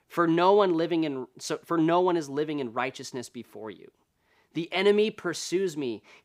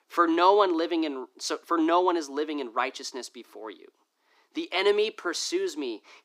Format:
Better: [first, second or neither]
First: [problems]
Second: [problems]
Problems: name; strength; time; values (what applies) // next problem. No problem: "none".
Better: first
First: none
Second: thin; somewhat; fading below 300 Hz